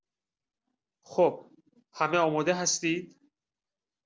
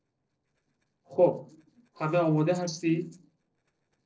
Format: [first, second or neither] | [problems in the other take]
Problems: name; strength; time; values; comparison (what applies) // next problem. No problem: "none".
first | noise reduction (neural separator model SepFormer DNS4)